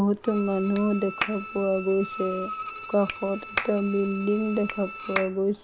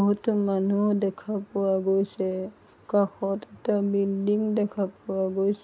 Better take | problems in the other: second | background sound (Clapping + Bowed string instrument); 9 dB below the speech

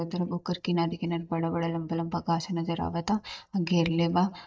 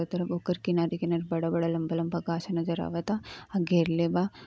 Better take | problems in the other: second | noise reduction (neural mask model DeepFilterNet 3)

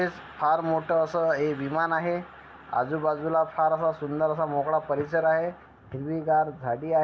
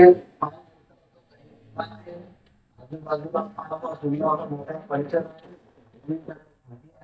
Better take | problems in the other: first | noise reduction (neural mask model DeepFilterNet 3)

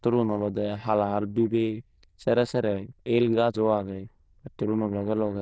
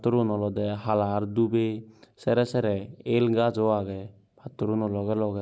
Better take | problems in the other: second | noise reduction (neural diffusion model UNIVERSE++)

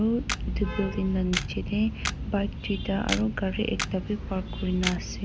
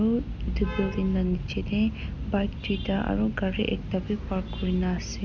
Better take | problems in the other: second | background sound (Camera); 10 dB below the speech

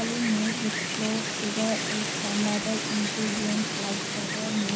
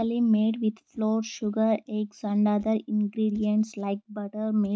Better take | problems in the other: second | background sound (Wind); 1 dB below the speech

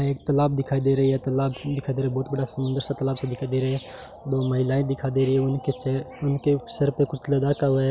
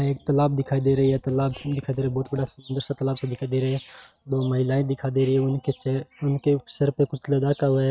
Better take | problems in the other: first | noise reduction (neural mask model RNNoise)

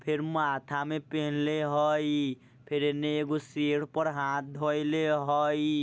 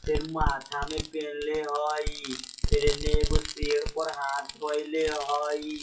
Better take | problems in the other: first | noise reduction (classical method WPE with log-MMSE)

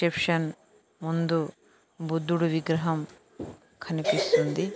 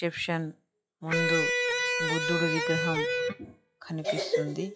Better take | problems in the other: first | noise reduction (classical method log-MMSE)

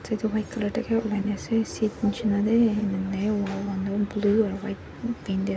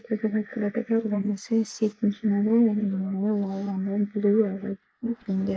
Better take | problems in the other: first | noise reduction (neural mask model Resemble Enhance denoiser)

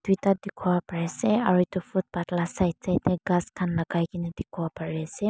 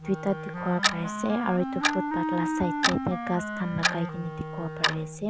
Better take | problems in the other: first | background sound (Wind instrument, woodwind instrument + Clock); 1 dB above the speech

